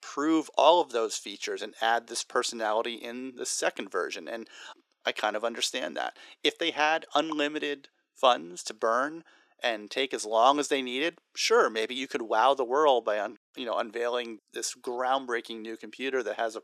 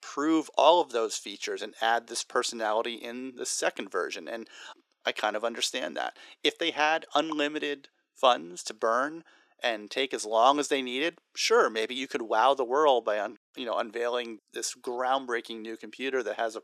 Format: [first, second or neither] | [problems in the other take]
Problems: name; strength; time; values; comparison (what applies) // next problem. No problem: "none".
neither | thin; somewhat; fading below 350 Hz; the same in both